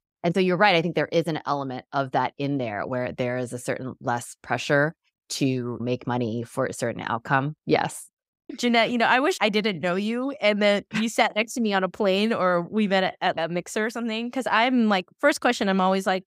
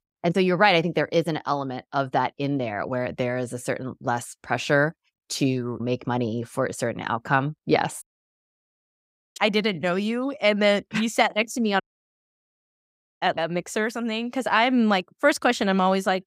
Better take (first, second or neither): first